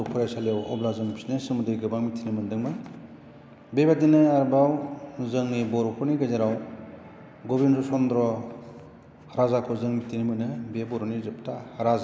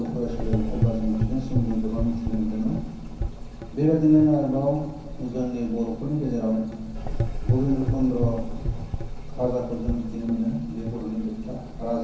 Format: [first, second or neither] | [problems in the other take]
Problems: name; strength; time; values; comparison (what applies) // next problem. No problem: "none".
first | background sound (Gurgling / Engine); 3 dB below the speech // room echo; dies away in 0.6 s